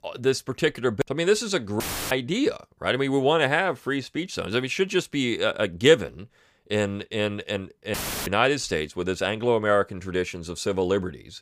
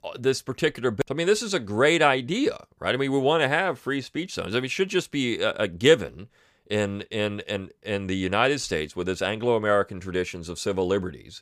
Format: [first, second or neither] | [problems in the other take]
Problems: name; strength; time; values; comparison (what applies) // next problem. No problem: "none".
second | audio cutting out; filled with static; at 2 s and at 8 s